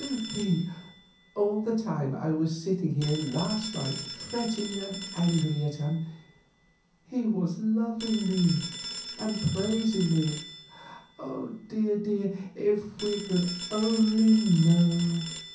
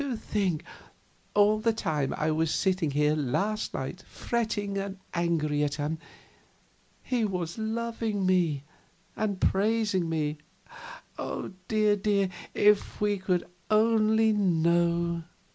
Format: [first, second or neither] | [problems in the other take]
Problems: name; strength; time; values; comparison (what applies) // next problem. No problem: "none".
second | background sound (Telephone); 13 dB below the speech // room echo; dies away in 0.6 s